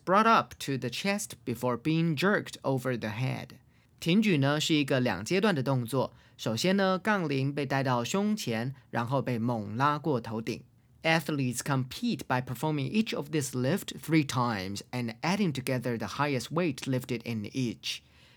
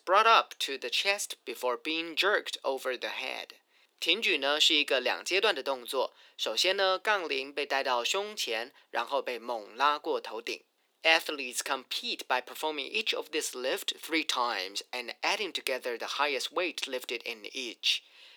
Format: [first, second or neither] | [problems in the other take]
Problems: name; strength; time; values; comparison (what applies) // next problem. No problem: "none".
first | thin; very; fading below 400 Hz